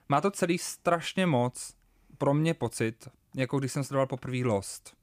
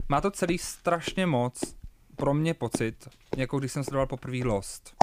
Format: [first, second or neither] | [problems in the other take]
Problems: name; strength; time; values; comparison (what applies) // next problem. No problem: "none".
first | footsteps; noticeable; peak 8 dB below the speech